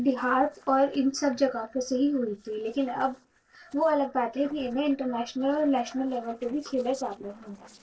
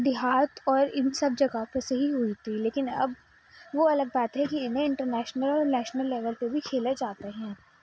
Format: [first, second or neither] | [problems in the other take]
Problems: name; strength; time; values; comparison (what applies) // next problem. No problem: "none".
second | noise reduction (neural separator model SepFormer DNS4)